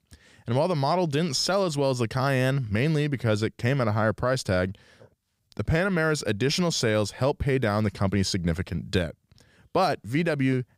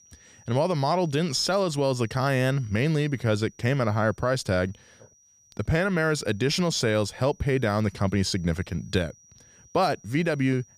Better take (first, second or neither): first